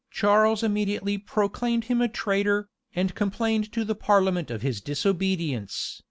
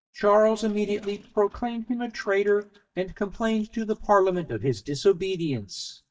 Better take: first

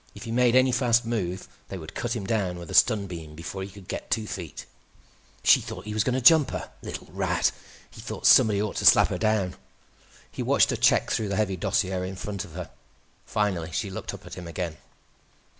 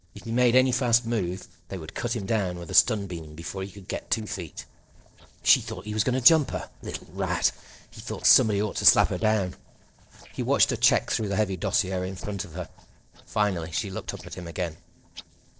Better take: first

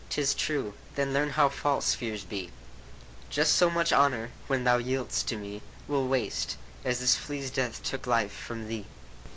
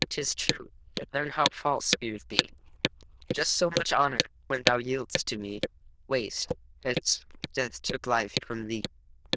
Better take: first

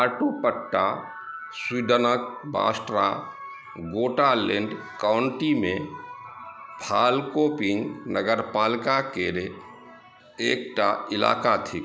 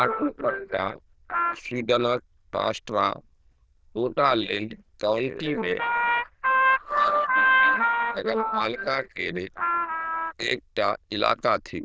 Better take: first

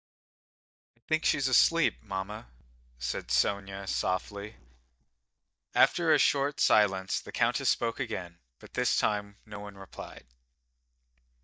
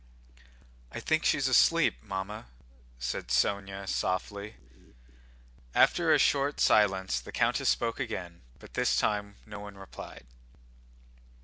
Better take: second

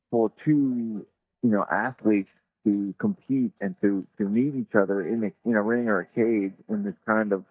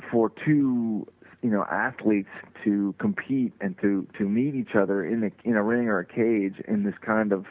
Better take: second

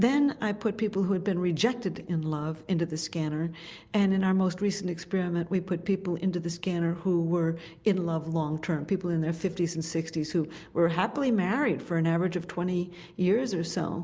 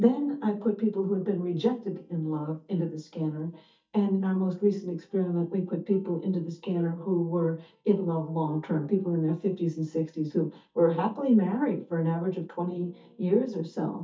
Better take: first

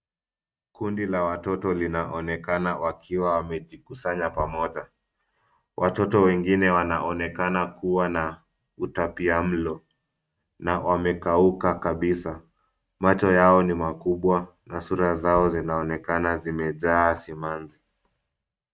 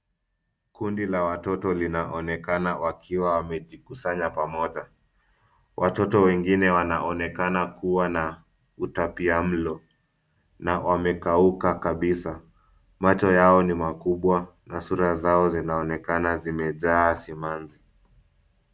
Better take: second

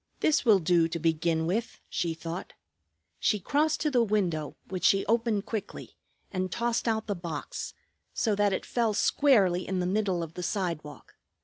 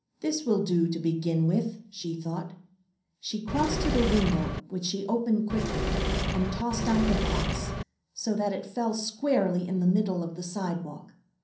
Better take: first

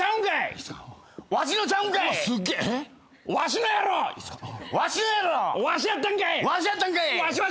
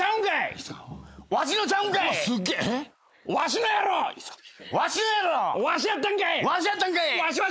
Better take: first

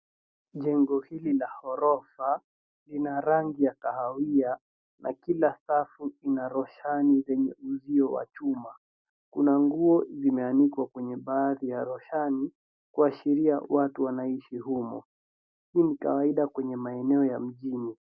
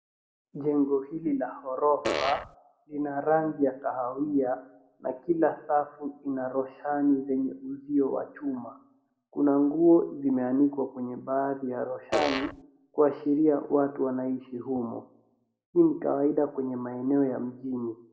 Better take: first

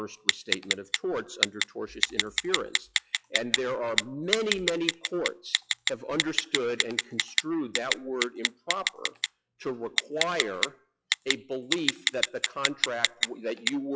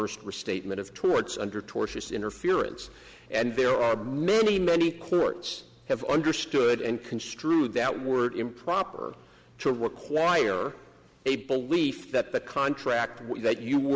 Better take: second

